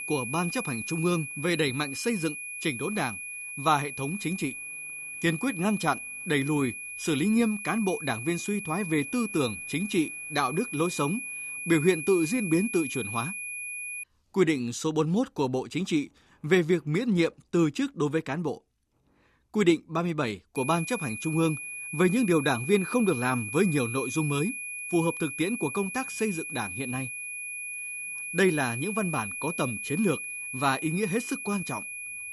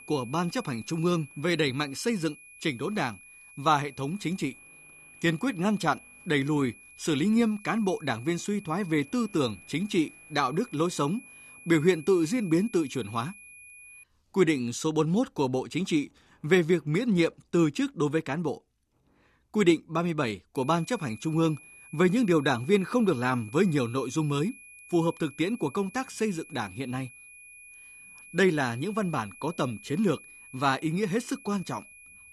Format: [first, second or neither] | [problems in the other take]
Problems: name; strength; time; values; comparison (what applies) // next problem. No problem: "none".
second | high-pitched whine; loud; until 14 s and from 21 s on; 2.5 kHz, 7 dB below the speech; faint in the second